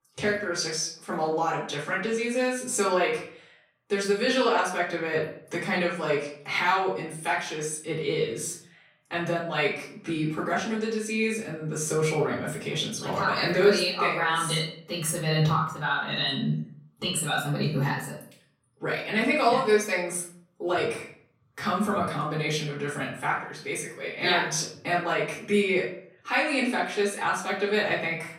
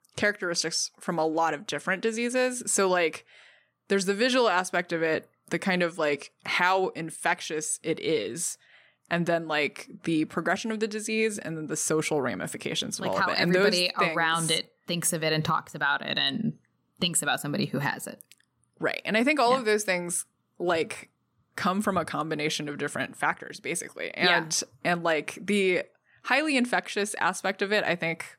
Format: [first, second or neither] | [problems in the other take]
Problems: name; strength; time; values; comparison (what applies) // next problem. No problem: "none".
second | off-mic speech; far // room echo; slight; dies away in 0.5 s